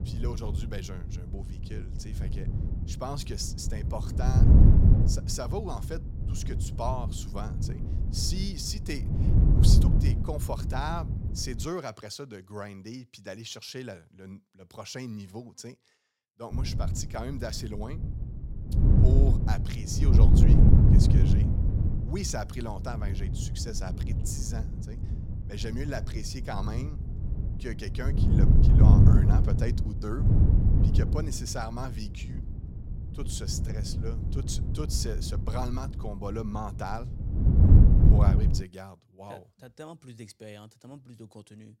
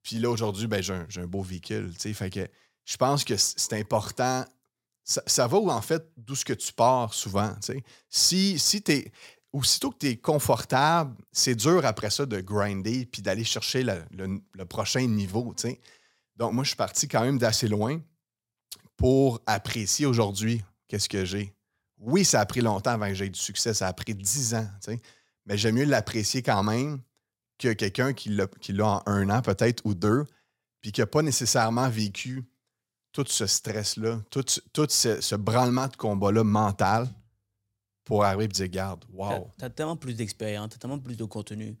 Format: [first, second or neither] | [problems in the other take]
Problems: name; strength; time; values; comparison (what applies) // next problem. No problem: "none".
second | wind noise on the microphone; heavy; until 12 s and from 17 to 39 s; as loud as the speech